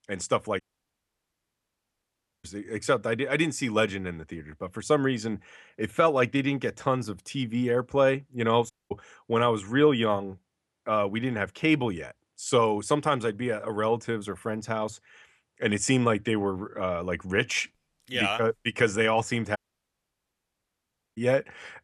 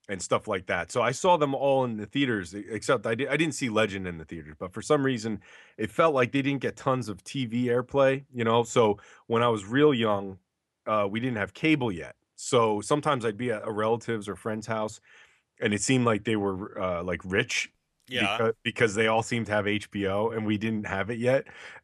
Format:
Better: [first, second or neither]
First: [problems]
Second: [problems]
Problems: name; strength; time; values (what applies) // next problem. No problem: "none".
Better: second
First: audio cutting out; at 0.5 s for 2 s, at 8.5 s and at 20 s for 1.5 s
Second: none